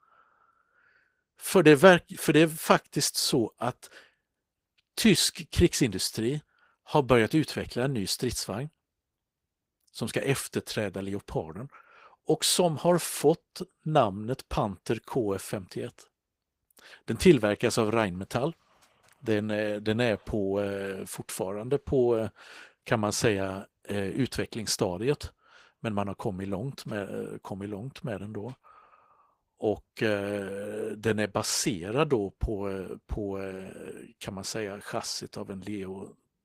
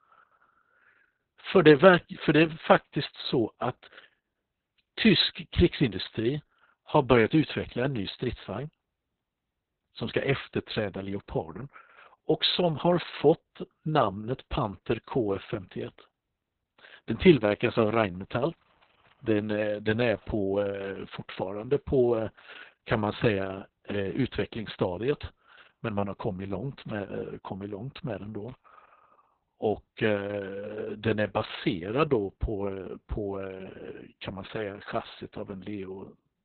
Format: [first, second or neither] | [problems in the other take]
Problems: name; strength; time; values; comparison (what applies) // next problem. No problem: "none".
first | garbled, watery; badly; nothing above 4 kHz; slightly in the first